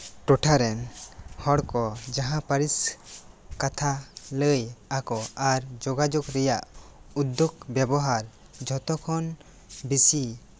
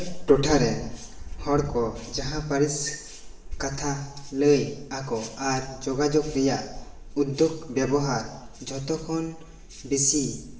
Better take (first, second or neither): first